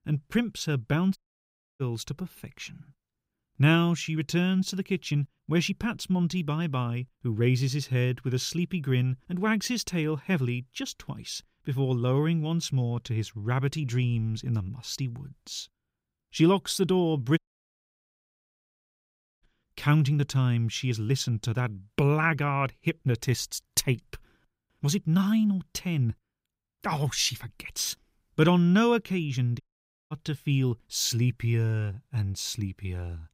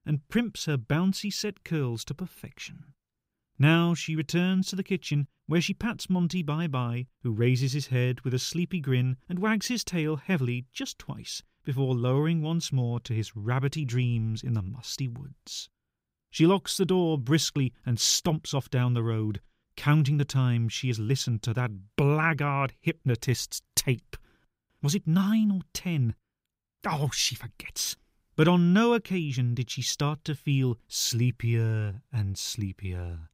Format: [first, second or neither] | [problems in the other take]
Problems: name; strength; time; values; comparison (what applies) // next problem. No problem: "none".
second | audio cutting out; at 1 s for 0.5 s, at 17 s for 2 s and at 30 s for 0.5 s